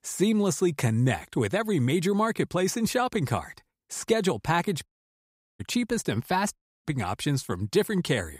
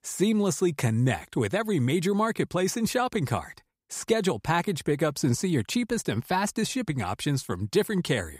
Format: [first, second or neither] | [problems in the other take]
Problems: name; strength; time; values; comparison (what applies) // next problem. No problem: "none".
second | audio cutting out; at 5 s for 0.5 s and at 6.5 s